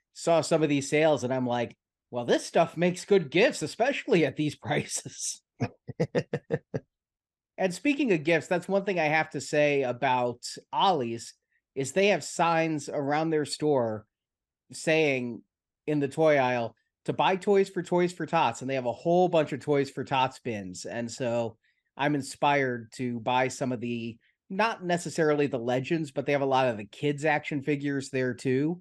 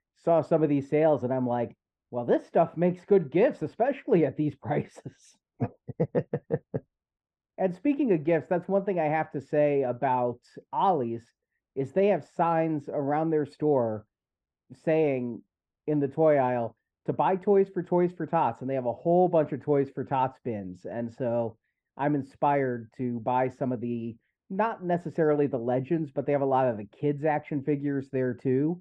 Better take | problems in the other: first | muffled; very; fading above 2.5 kHz

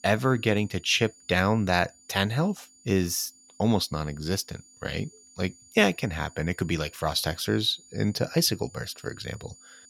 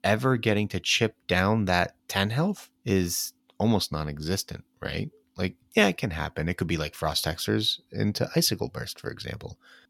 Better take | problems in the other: second | high-pitched whine; faint; throughout; 7 kHz, 25 dB below the speech

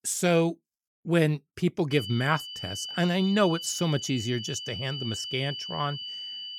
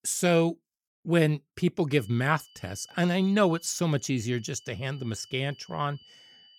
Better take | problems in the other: second | high-pitched whine; loud; from 2 s on; 3 kHz, 8 dB below the speech; faint in the second

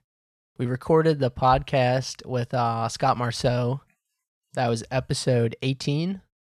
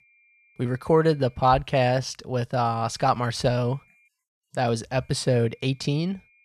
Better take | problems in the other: first | high-pitched whine; faint; until 1.5 s, from 2.5 to 4 s and from 5 s on; 2.5 kHz, 35 dB below the speech

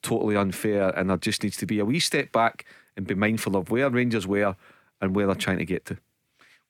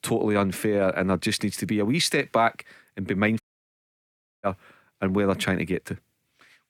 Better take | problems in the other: first | audio cutting out; at 3.5 s for 1 s

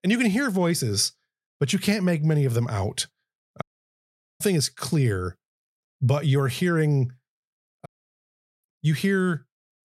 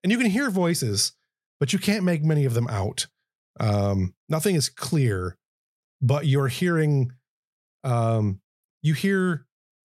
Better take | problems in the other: second | audio cutting out; at 3.5 s for 1 s and at 8 s for 0.5 s

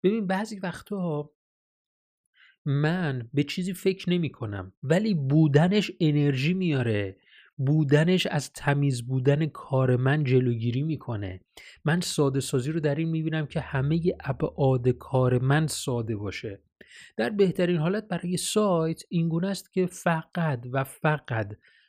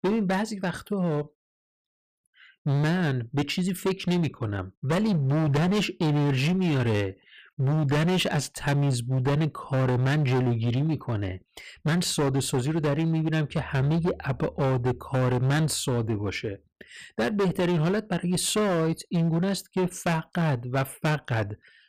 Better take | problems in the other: first | distortion; heavy; 19% of the sound clipped

